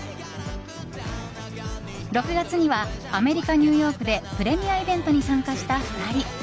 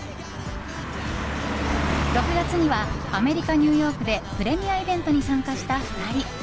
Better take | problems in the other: first | background sound (Car passing by); 5 dB below the speech

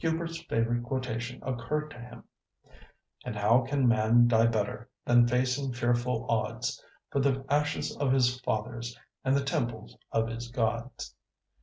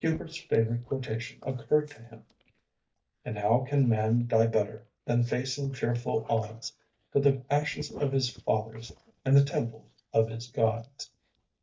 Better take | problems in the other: first | noise reduction (neural mask model DeepFilterNet 3)

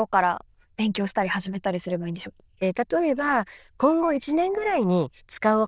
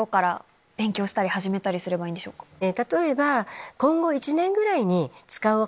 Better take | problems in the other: second | noise reduction (neural diffusion model UNIVERSE++)

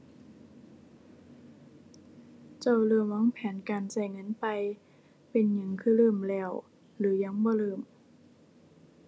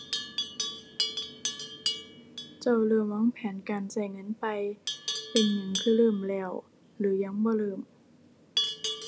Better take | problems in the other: first | background sound (Livestock, farm animals, working animals); 7 dB below the speech

